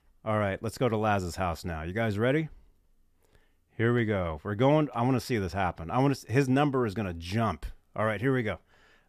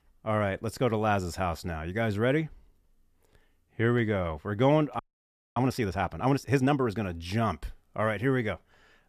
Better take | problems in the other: first | audio freezing; at 5 s for 0.5 s

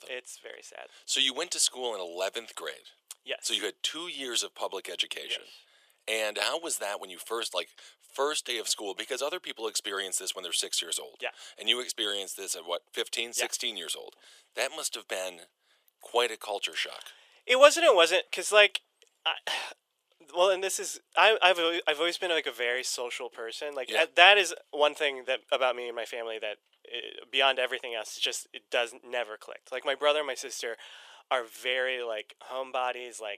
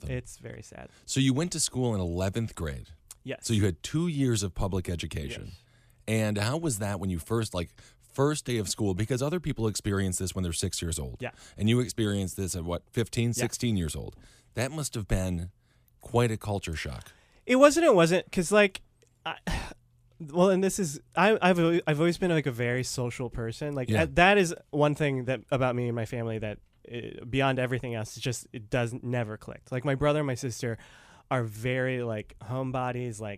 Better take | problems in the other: second | thin; very; fading below 450 Hz

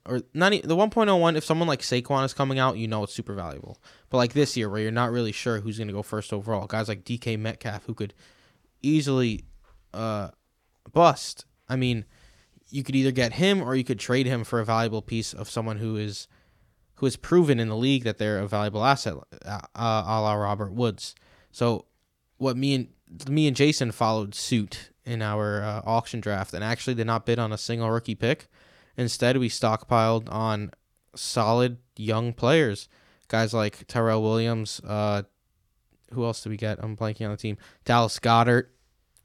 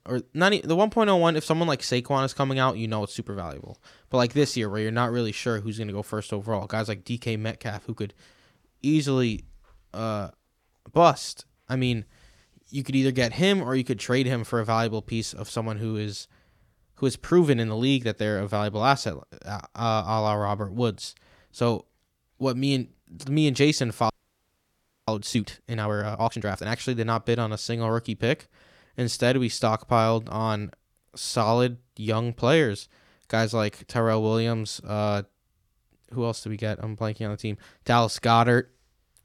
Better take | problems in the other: first | audio freezing; at 24 s for 1 s

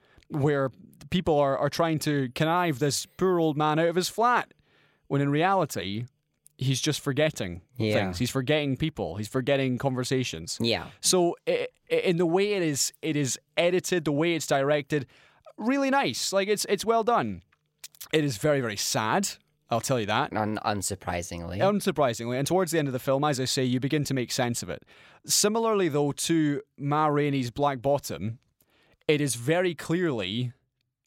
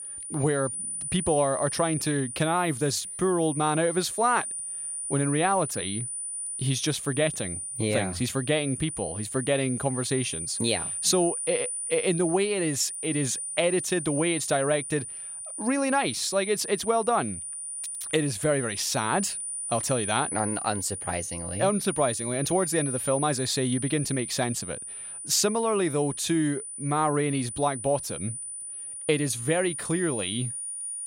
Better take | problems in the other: first | high-pitched whine; loud; throughout; 9.5 kHz, 5 dB below the speech

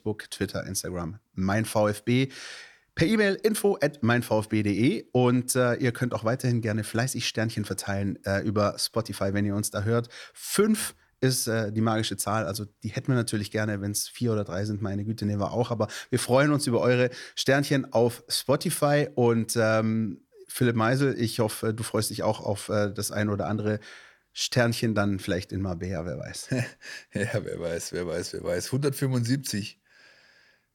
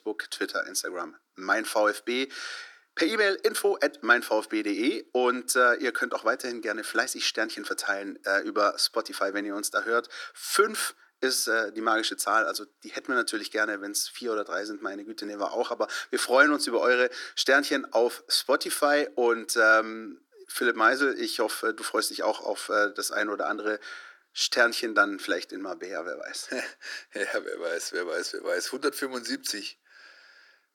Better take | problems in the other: first | thin; very; fading below 300 Hz

